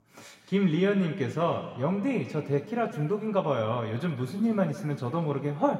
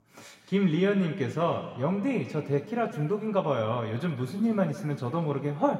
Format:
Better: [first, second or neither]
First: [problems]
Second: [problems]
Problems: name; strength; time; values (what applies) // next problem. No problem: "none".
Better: neither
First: room echo; slight; dies away in 1.6 s // off-mic speech; somewhat distant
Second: room echo; slight; dies away in 1.6 s // off-mic speech; somewhat distant